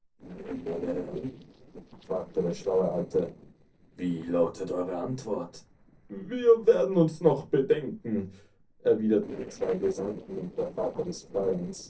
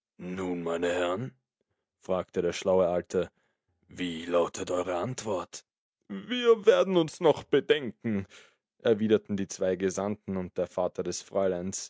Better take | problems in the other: second | noise reduction (neural separator model SepFormer DNS4)

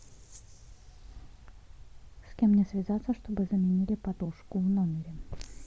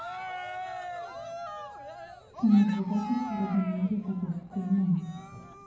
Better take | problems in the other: first | background sound (Cheering); 11 dB below the speech // room echo; dies away in 0.9 s

